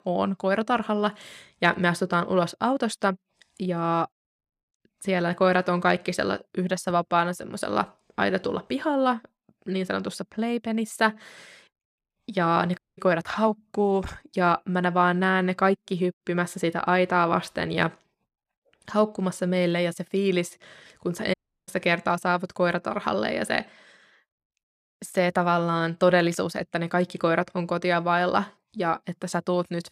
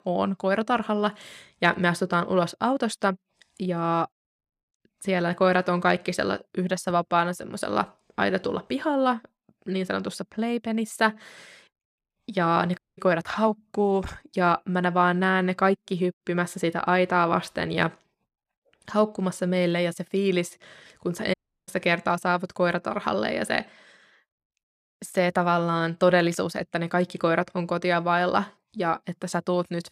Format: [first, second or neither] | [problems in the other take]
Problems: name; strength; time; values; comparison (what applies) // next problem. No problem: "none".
neither | audio cutting out; at 13 s and at 21 s; the same in both